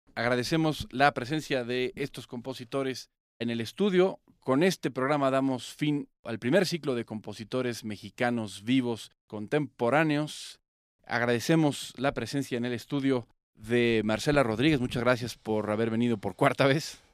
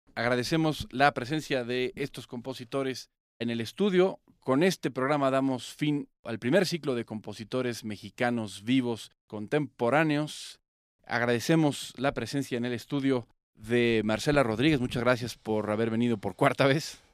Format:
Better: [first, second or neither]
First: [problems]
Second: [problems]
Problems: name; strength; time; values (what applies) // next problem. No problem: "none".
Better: neither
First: none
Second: none